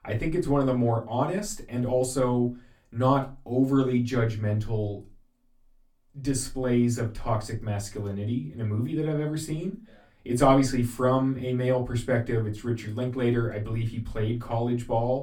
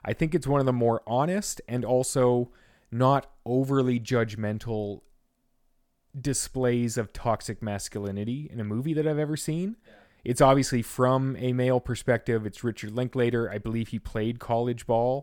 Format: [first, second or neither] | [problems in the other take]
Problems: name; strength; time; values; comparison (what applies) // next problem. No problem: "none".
second | off-mic speech; far // room echo; very slight; dies away in 0.2 s